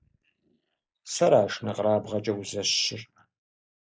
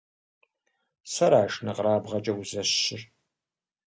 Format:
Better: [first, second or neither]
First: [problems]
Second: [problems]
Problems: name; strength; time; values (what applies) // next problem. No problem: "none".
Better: second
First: noise reduction (neural mask model Resemble Enhance denoiser)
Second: none